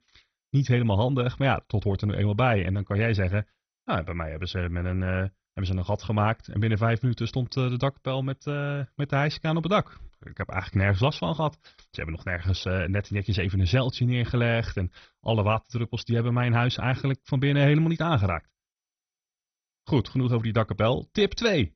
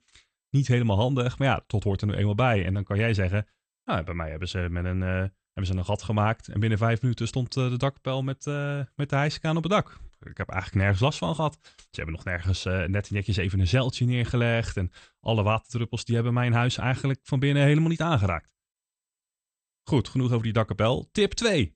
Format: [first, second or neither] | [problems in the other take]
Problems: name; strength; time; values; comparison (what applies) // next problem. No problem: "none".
second | garbled, watery; badly; nothing above 6 kHz; slightly in the second